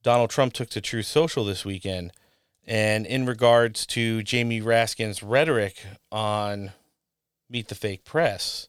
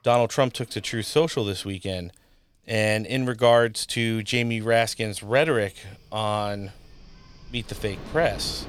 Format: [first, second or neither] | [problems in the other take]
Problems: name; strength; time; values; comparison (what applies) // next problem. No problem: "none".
first | rain or running water; faint; throughout; 20 dB below the speech